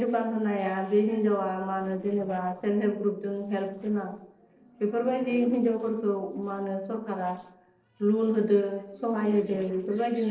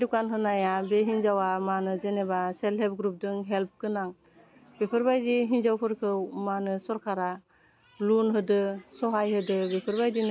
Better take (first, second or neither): second